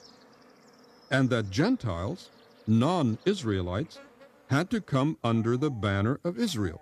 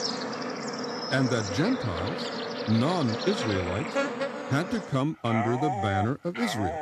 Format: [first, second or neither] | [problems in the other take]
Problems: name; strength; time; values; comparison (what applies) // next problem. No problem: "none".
first | animal sounds; loud; throughout; 3 dB below the speech; faint in the first